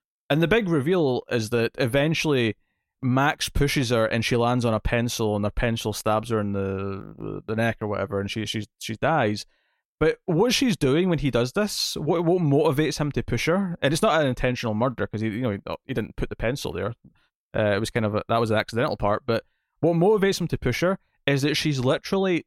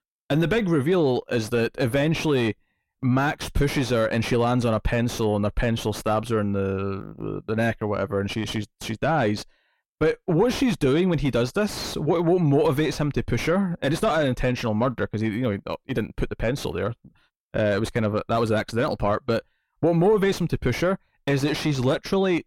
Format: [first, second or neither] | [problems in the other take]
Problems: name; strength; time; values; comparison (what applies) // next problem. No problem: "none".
first | distortion; slight; 10 dB below the speech